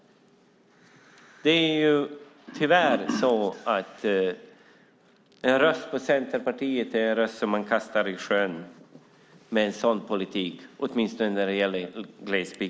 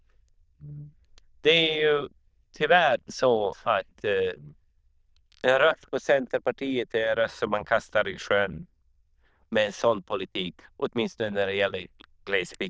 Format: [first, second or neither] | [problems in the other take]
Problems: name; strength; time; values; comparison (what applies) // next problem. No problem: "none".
first | noise reduction (neural diffusion model UNIVERSE++)